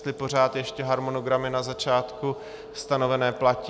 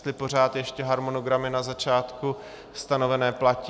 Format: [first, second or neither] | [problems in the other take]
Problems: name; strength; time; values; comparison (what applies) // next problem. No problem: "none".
second | background sound (Telephone); 18 dB below the speech